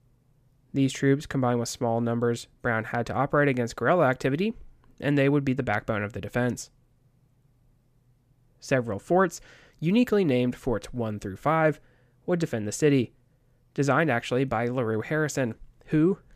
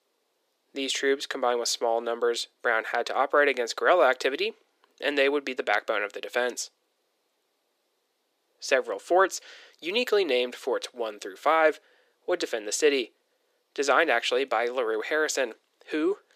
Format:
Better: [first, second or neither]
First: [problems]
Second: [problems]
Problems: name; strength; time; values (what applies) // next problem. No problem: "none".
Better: first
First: none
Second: thin; very; fading below 350 Hz